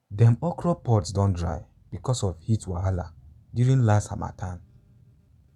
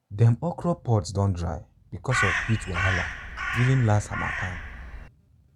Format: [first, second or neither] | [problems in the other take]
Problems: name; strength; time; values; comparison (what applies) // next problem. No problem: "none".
first | background sound (Crow); 4 dB below the speech